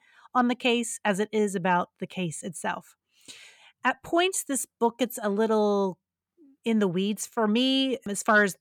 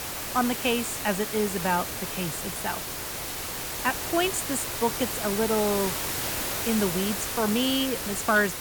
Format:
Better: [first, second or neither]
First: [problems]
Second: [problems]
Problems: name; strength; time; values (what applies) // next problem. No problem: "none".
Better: first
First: none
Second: hiss; loud; throughout; 2 dB below the speech